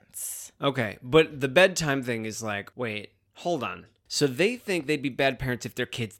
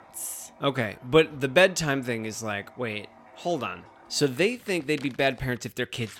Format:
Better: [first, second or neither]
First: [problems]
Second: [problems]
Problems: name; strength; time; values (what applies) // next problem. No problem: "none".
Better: first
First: none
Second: household noises; faint; throughout; 25 dB below the speech